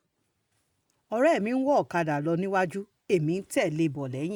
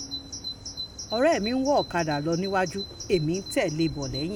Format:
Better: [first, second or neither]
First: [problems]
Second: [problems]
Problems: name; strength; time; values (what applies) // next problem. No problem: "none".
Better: first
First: none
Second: background sound (Bird vocalization, bird call, bird song); 11 dB below the speech